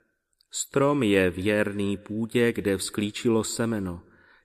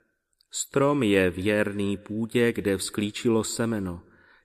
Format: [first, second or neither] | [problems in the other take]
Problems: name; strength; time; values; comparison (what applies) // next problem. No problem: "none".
neither | none